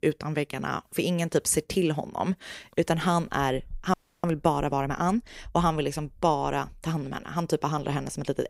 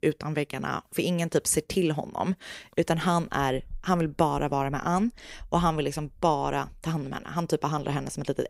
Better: second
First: audio freezing; at 4 s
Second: none

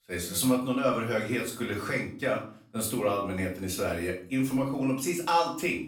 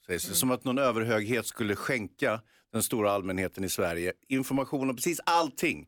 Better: second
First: off-mic speech; far // room echo; slight; dies away in 0.4 s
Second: none

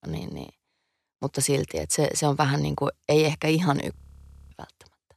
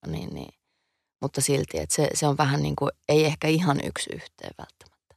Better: second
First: audio freezing; at 4 s for 0.5 s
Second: none

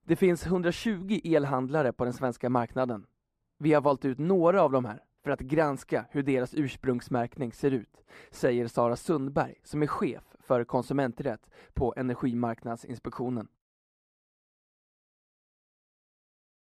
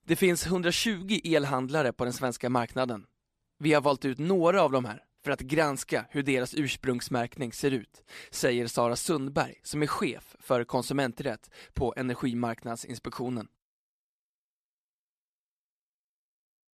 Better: second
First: muffled; slightly; fading above 2 kHz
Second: none

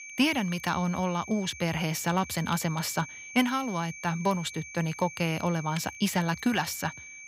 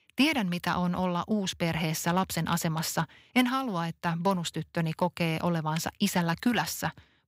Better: second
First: high-pitched whine; noticeable; throughout; 2.5 kHz, 15 dB below the speech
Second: none

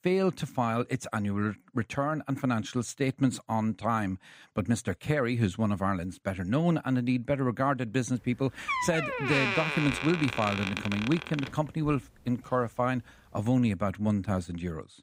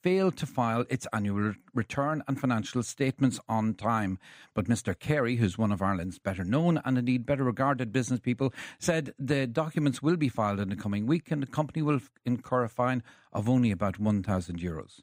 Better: second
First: door banging; loud; from 8.5 to 12 s; peak 3 dB above the speech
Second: none

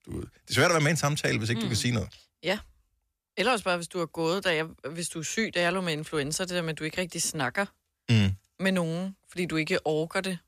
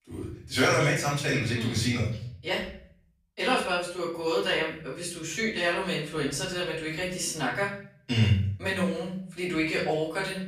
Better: first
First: none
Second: off-mic speech; far // room echo; noticeable; dies away in 0.5 s

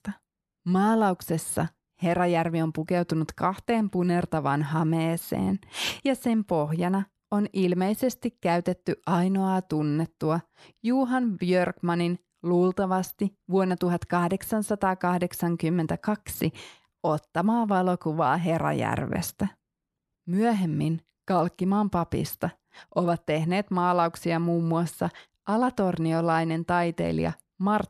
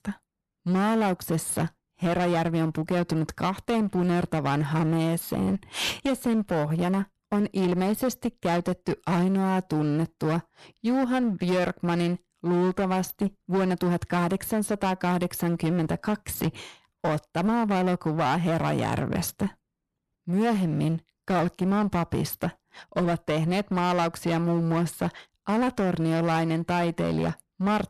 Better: first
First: none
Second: distortion; slight; 18% of the sound clipped

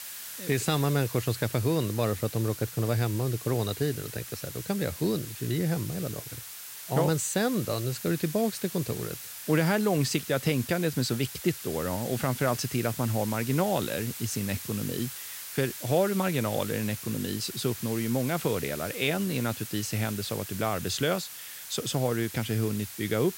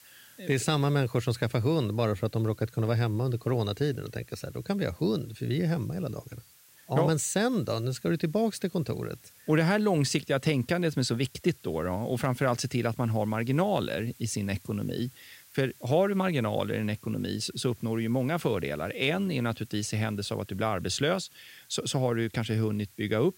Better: second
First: hiss; loud; throughout; 9 dB below the speech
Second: hiss; faint; throughout; 25 dB below the speech

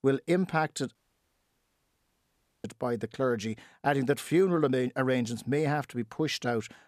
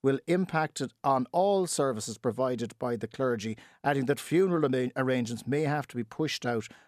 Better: second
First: audio cutting out; at 1 s for 1.5 s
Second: none

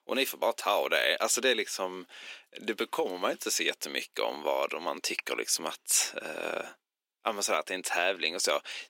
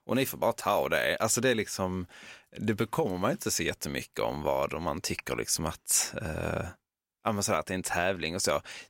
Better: second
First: thin; somewhat; fading below 300 Hz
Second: none

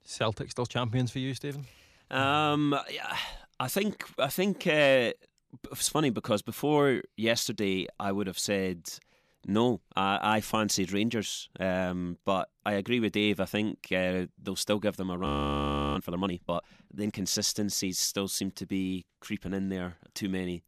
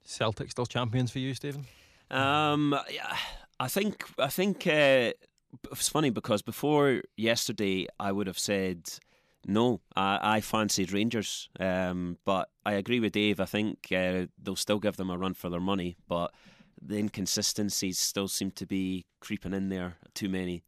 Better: second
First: audio freezing; at 15 s for 0.5 s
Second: none

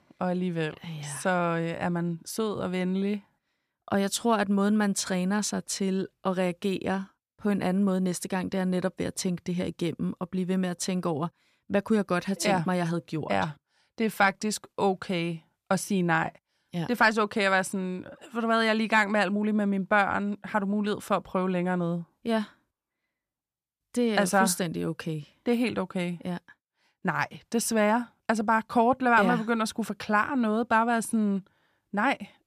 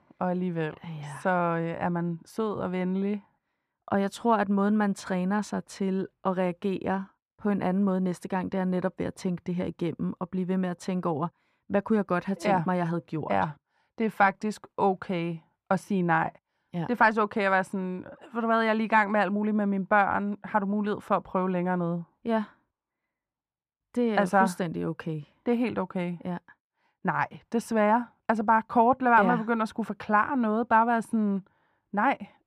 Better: first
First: none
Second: muffled; slightly; fading above 3 kHz

